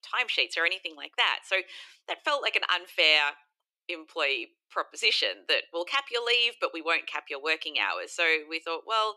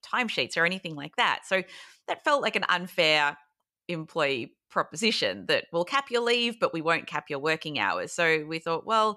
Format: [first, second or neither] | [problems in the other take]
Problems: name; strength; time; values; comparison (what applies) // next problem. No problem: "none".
second | thin; very; fading below 350 Hz